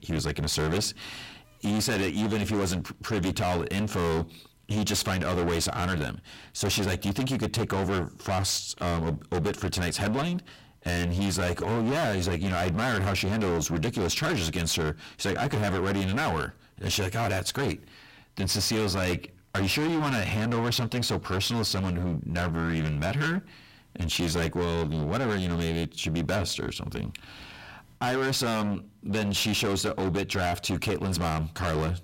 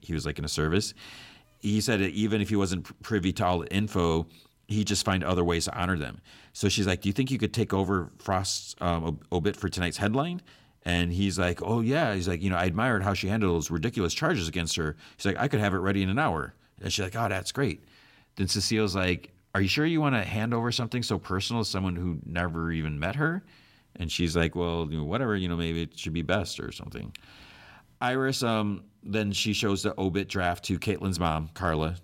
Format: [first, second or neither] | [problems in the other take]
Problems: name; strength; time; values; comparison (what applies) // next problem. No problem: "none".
second | distortion; heavy; 27% of the sound clipped